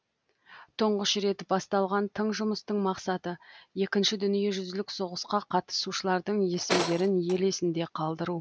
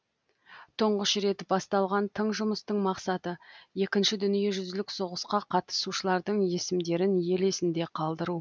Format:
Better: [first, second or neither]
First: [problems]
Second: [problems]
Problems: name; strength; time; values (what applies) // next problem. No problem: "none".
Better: second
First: background sound (Tools); 6 dB below the speech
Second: none